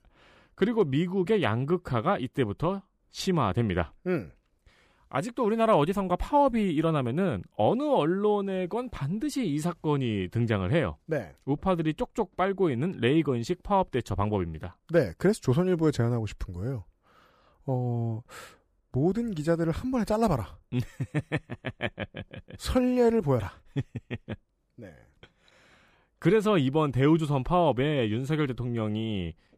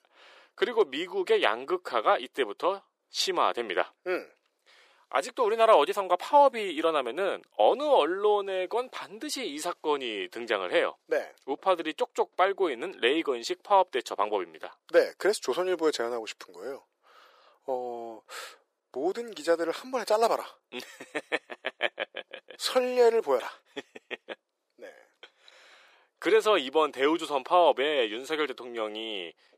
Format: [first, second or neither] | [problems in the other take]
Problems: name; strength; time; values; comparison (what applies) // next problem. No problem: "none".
first | thin; very; fading below 400 Hz